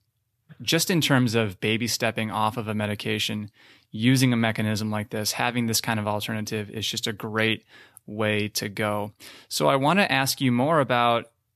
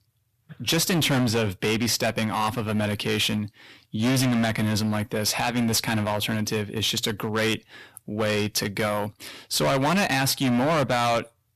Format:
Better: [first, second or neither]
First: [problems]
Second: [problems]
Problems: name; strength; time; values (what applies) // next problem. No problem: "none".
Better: first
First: none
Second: distortion; heavy; 16% of the sound clipped